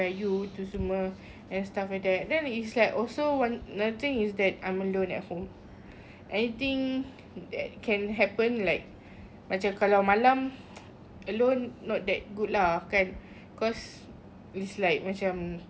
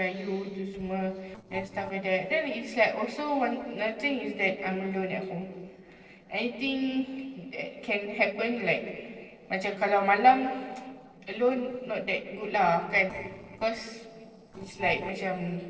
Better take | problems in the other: first | noise reduction (neural separator model SepFormer DNS4)

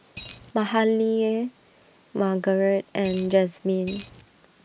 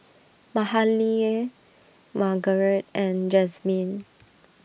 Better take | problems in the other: second | background sound (Coin (dropping)); 16 dB below the speech

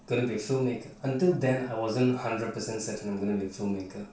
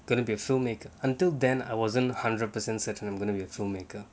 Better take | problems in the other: second | room echo; dies away in 0.4 s

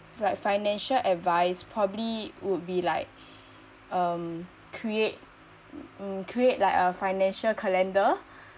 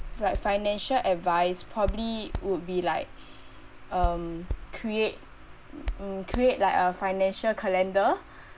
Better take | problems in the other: first | background sound (Hands); 9 dB below the speech

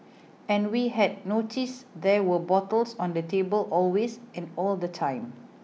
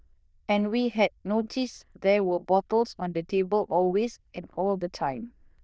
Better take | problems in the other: first | noise reduction (neural diffusion model UNIVERSE++)

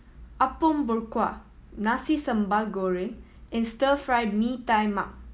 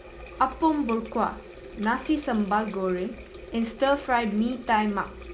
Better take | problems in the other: first | background sound (Water tap, faucet); 17 dB below the speech

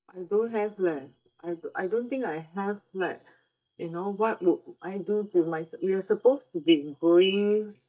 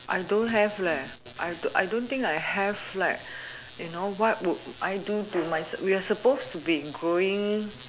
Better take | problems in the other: second | noise reduction (neural mask model DeepFilterNet 3)

